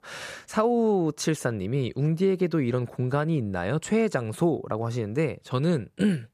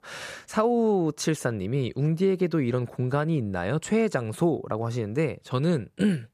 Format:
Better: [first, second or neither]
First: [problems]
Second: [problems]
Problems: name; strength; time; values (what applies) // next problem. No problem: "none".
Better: neither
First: none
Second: none